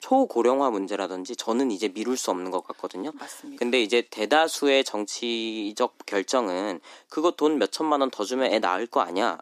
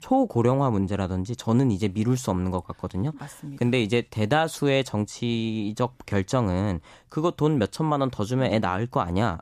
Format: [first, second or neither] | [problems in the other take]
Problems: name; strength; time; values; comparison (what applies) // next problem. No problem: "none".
second | thin; somewhat; fading below 300 Hz